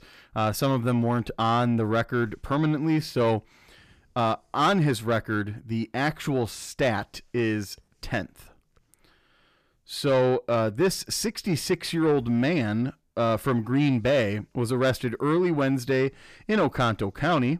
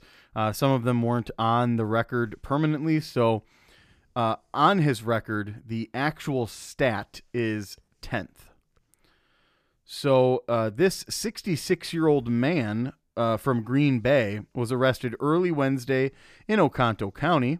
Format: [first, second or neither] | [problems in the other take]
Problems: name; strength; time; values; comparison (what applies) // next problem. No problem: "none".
second | distortion; slight; 10 dB below the speech